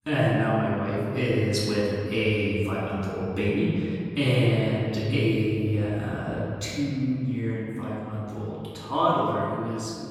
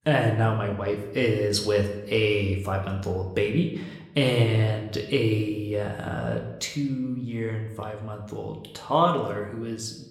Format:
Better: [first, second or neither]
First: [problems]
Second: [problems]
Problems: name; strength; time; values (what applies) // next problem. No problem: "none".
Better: second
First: room echo; strong; dies away in 2.4 s // off-mic speech; far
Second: room echo; slight; dies away in 0.7 s